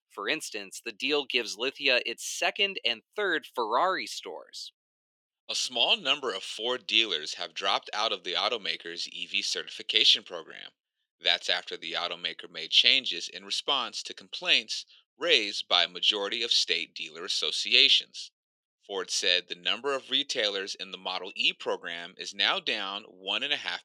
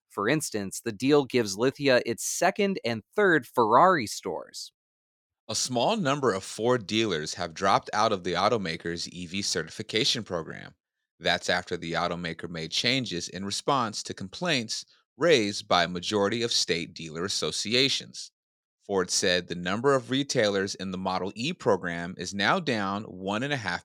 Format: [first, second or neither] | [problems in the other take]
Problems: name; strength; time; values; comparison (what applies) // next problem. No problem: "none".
second | thin; somewhat; fading below 400 Hz